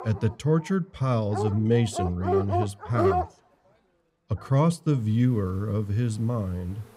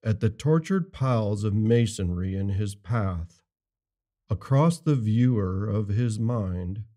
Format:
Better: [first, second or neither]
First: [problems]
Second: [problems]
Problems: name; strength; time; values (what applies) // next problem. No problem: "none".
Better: second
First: animal sounds; loud; throughout; 3 dB below the speech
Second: none